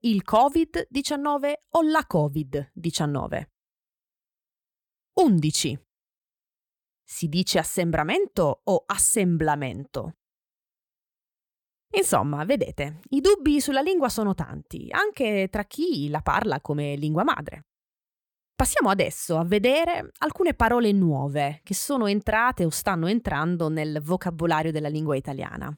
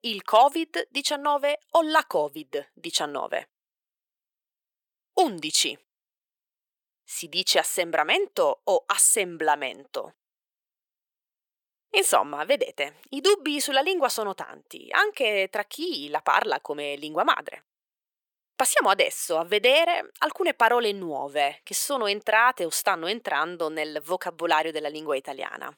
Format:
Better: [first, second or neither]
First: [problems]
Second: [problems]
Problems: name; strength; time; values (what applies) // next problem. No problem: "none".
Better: first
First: none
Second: thin; very; fading below 450 Hz